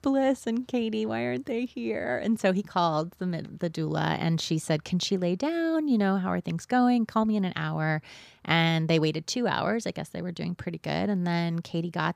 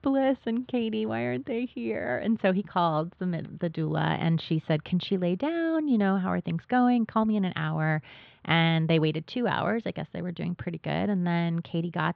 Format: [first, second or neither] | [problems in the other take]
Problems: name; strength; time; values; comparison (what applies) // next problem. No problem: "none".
first | muffled; slightly; fading above 3.5 kHz